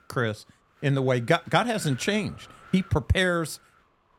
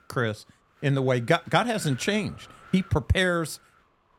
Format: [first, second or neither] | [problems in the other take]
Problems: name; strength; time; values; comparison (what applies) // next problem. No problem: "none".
neither | wind noise on the microphone; occasional gusts; 20 dB below the speech; the same in both